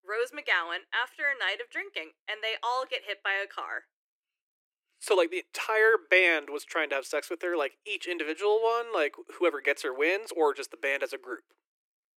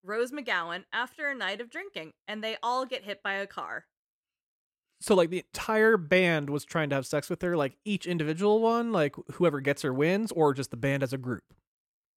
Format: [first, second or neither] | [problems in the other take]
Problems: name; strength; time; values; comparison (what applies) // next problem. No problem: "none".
second | thin; very; fading below 300 Hz